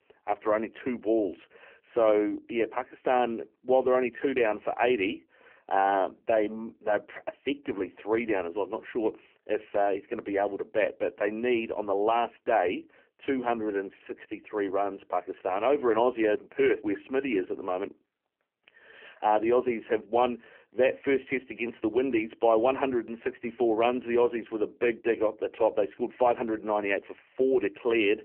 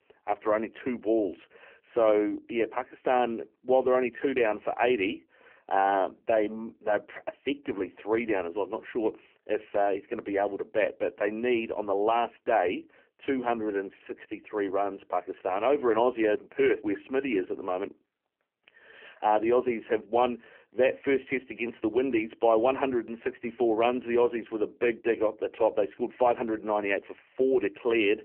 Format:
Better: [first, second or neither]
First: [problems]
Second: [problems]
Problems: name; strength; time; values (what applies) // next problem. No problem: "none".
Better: neither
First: phone-call audio; poor line; nothing above 3 kHz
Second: phone-call audio; poor line; nothing above 3 kHz